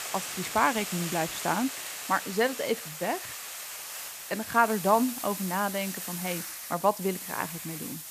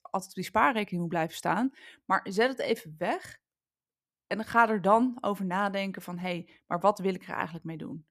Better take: second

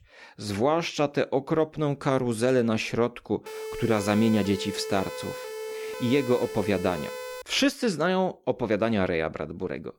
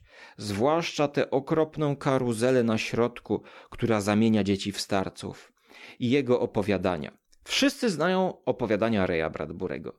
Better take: second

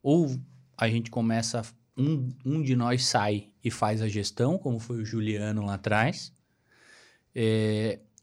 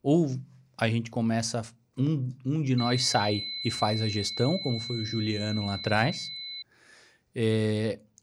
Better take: first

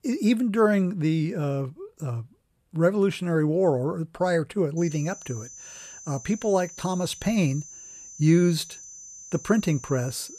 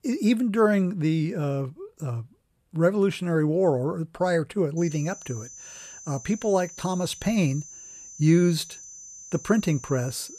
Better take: neither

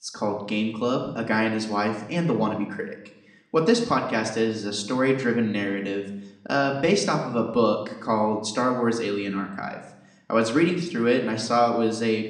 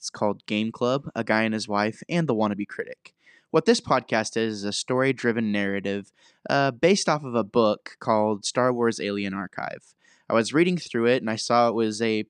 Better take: second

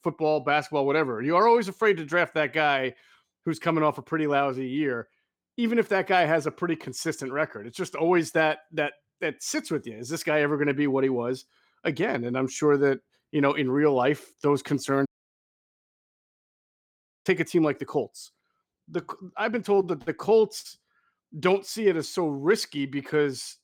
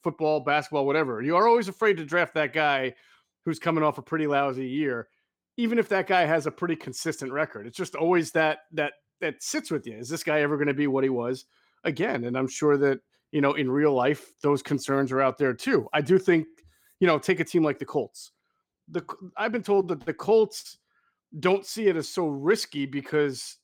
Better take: second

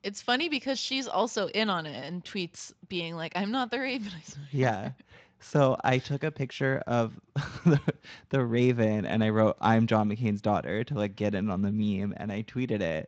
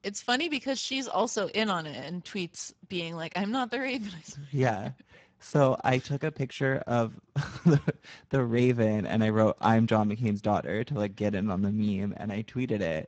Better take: first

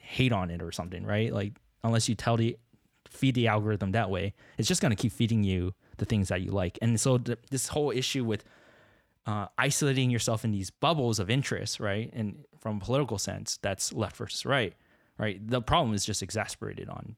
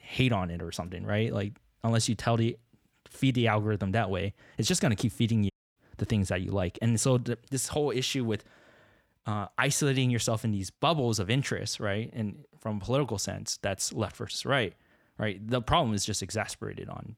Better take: first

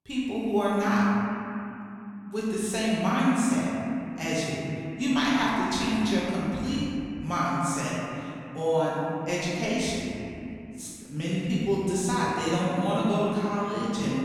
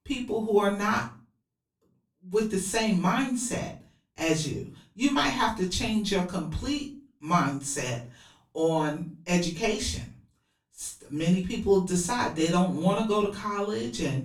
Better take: second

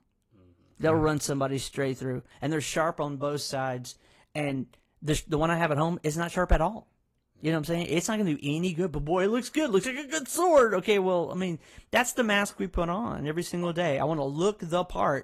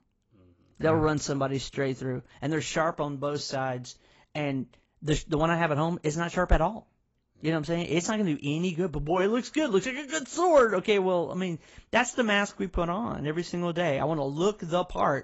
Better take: first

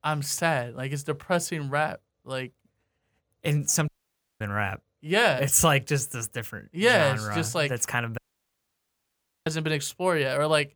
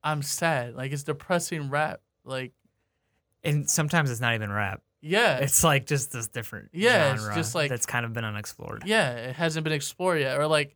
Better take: second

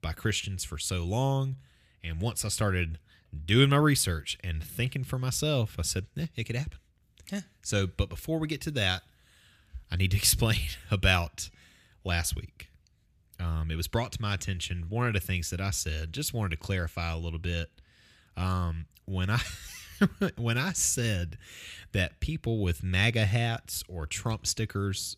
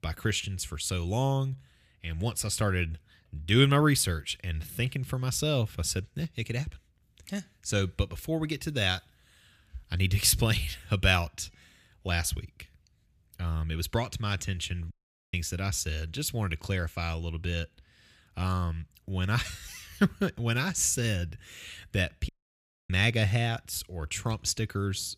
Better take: first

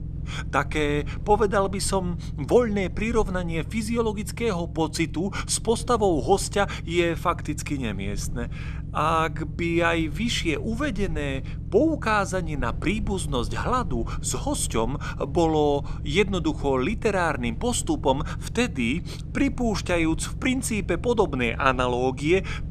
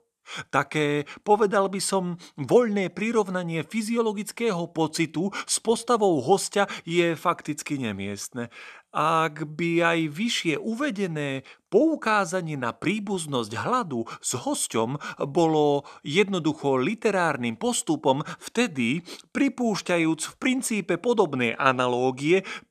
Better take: second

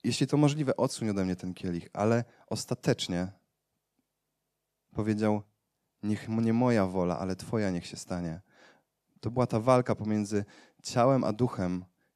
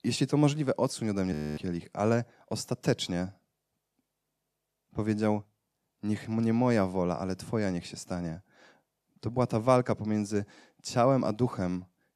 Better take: first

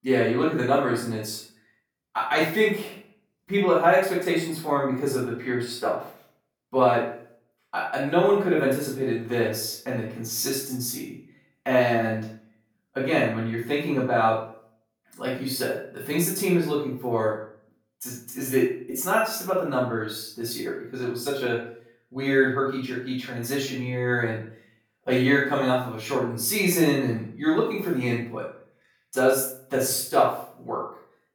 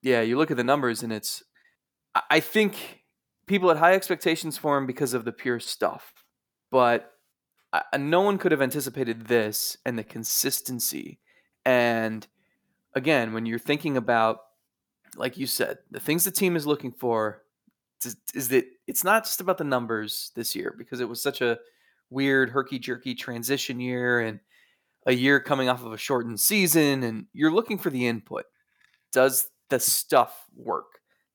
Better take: second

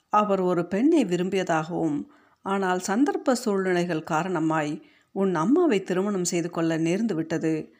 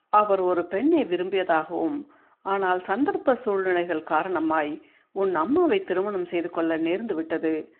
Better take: first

